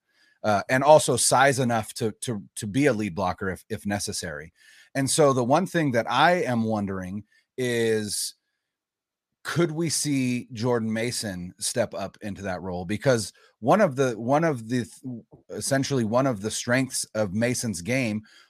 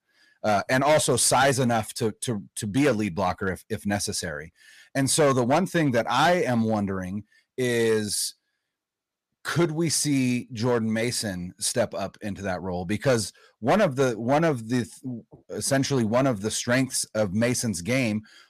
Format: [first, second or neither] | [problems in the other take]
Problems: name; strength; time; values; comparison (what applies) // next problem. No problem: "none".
first | distortion; slight; 4% of the sound clipped